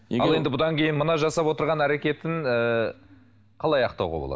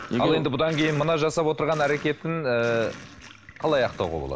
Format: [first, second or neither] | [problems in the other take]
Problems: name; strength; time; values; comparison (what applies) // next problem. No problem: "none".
first | background sound (Sink (filling or washing)); 17 dB below the speech